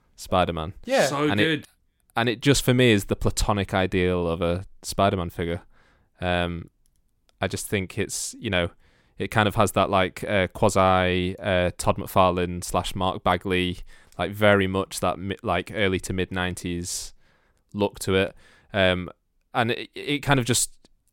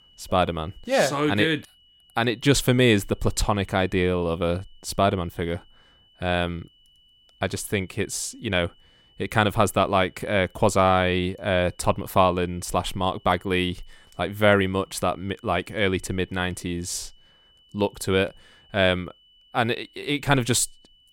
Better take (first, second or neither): first